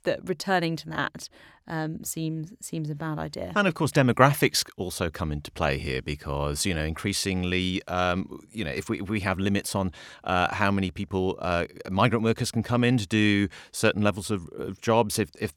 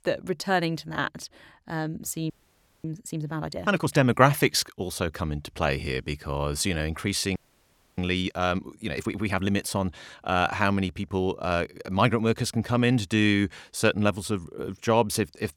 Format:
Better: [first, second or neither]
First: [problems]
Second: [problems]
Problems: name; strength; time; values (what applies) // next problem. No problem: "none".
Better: first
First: none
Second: audio freezing; at 2.5 s for 0.5 s and at 7.5 s for 0.5 s